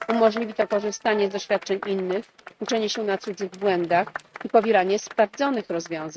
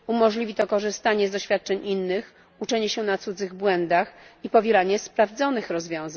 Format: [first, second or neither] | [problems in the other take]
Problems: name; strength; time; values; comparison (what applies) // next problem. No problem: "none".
second | noise reduction (neural mask model RNNoise)